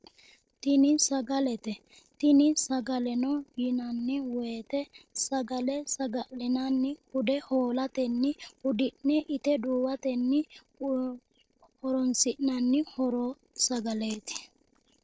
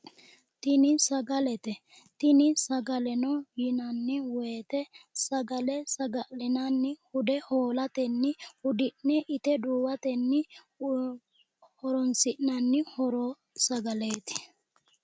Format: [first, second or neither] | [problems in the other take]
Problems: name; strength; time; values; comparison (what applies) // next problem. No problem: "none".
second | noise reduction (neural separator model SepFormer DNS4)